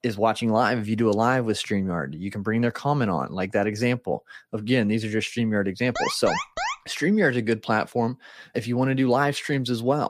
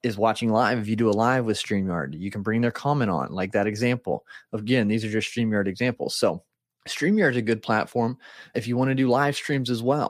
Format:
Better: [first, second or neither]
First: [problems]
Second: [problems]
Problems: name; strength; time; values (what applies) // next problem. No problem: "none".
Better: second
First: alarm; noticeable; at 6 s; peak 3 dB below the speech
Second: none